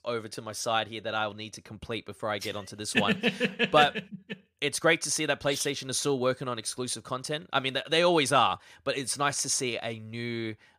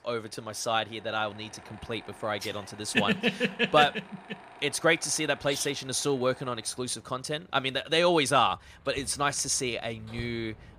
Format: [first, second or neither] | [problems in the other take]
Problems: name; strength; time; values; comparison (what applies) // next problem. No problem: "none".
first | machinery noise; faint; throughout; 25 dB below the speech